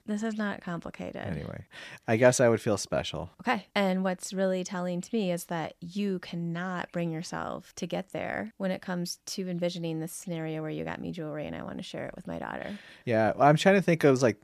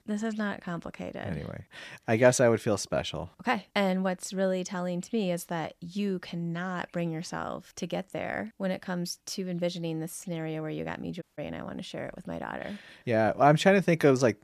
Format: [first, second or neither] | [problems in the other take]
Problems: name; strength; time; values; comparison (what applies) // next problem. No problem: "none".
first | audio cutting out; at 11 s